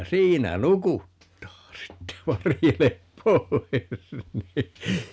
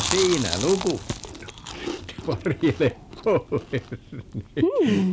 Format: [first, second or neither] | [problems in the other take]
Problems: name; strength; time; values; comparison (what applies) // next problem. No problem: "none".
first | background sound (Chewing, mastication); 2 dB below the speech